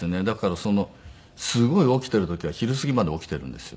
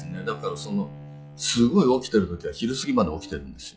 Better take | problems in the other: first | noise reduction (classical method log-MMSE)

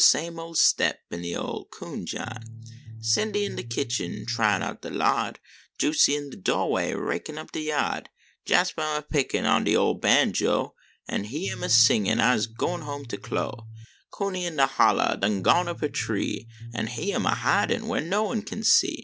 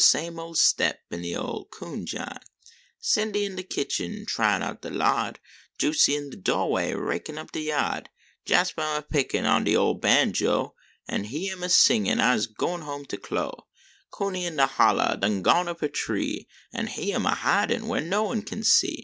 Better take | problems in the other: second | background sound (Bass guitar); 13 dB below the speech

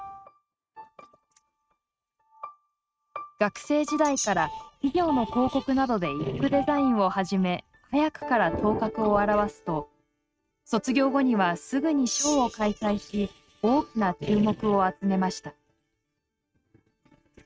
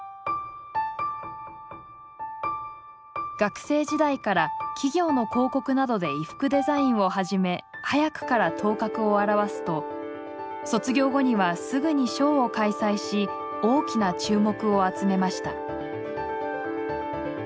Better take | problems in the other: second | noise reduction (neural mask model RNNoise)

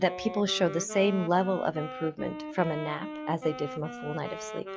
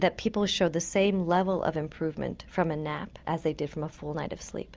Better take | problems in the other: second | noise reduction (classical method log-MMSE)

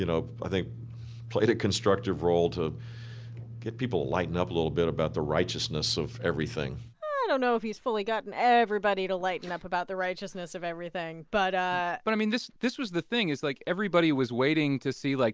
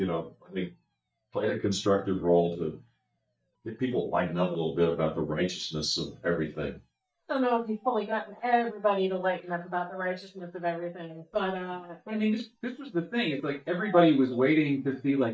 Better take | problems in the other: first | noise reduction (neural mask model DeepFilterNet 3)

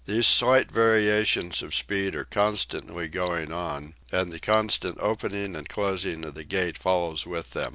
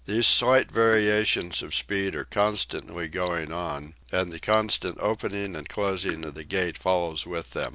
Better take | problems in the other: first | background sound (Raindrop / Drip); 16 dB below the speech

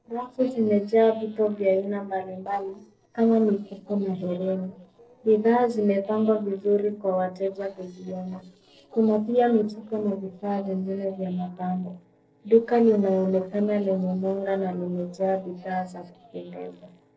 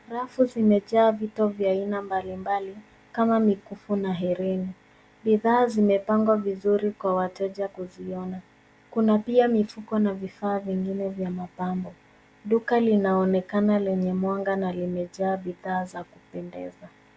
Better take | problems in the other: second | noise reduction (neural separator model SepFormer DNS4)

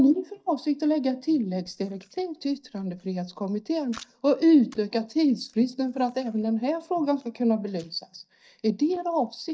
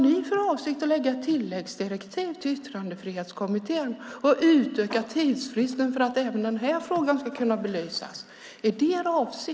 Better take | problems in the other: second | noise reduction (neural mask model DeepFilterNet 3)

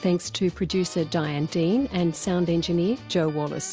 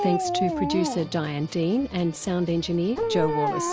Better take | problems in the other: first | background sound (Dog); 3 dB below the speech

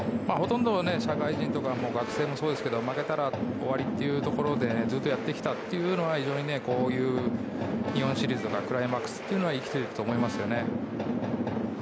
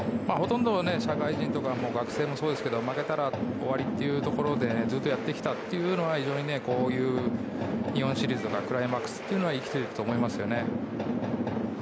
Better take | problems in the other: second | background sound (Brass instrument); 16 dB below the speech

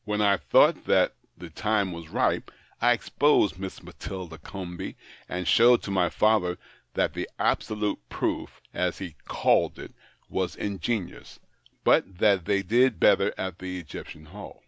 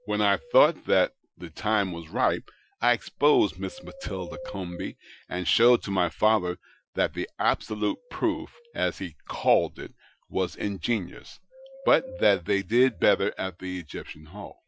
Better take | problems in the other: first | noise reduction (classical method Wiener filter)

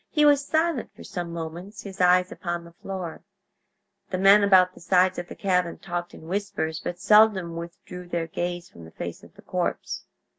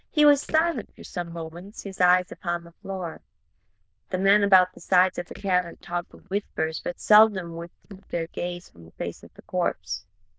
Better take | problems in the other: first | noise reduction (neural diffusion model UNIVERSE++)

